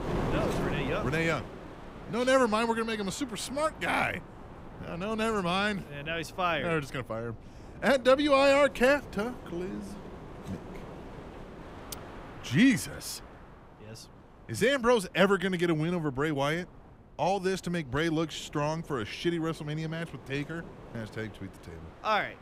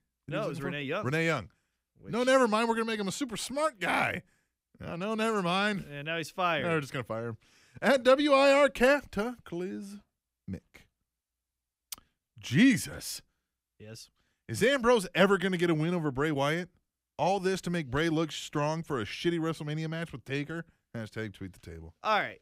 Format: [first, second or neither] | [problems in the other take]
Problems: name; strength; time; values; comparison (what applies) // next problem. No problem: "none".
second | wind noise on the microphone; occasional gusts; 15 dB below the speech